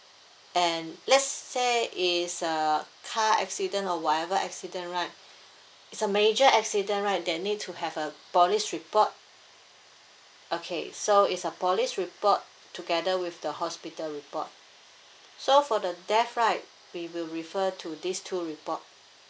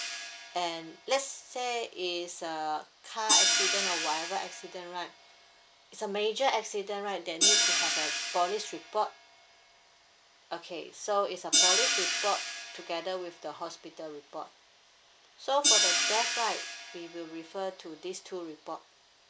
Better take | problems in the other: first | background sound (Hi-hat); 2 dB above the speech

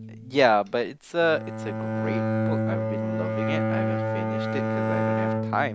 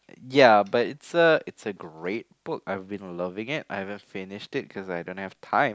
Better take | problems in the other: second | background sound (Bowed string instrument); 1 dB above the speech

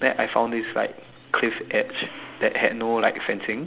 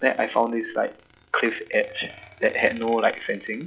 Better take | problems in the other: first | noise reduction (classical method log-MMSE)

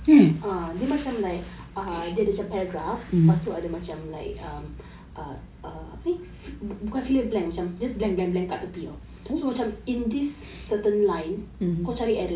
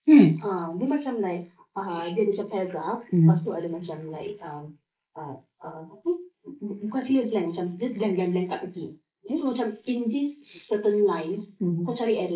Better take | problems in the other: first | noise reduction (neural mask model Resemble Enhance denoiser)

